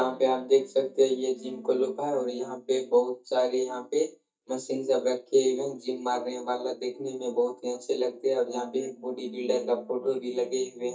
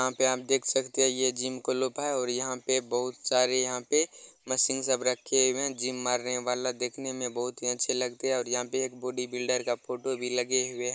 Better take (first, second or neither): second